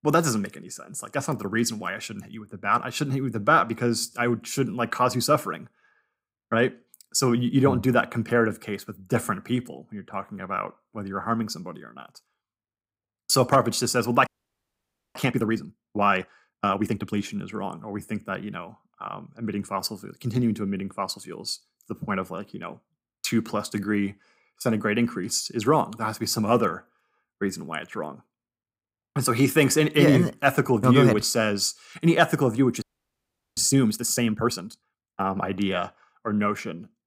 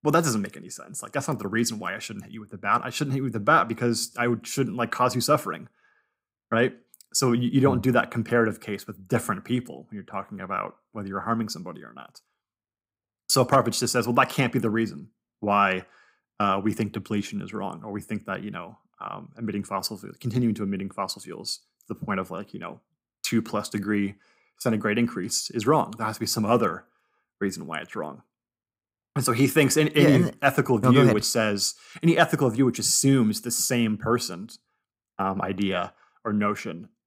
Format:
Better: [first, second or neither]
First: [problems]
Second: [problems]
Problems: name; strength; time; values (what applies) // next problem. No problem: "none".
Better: second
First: audio freezing; at 14 s for 1 s and at 33 s for 1 s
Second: none